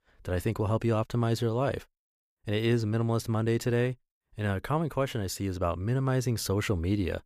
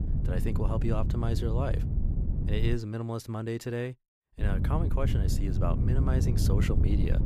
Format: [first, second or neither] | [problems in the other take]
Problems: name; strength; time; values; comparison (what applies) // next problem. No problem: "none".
first | wind noise on the microphone; heavy; until 2.5 s and from 4.5 s on; 5 dB below the speech